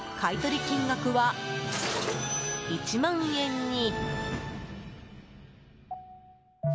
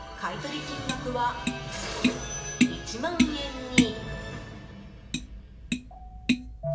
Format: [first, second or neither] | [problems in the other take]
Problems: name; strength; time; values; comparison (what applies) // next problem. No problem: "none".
first | background sound (Tap); 4 dB above the speech // room echo; dies away in 1.2 s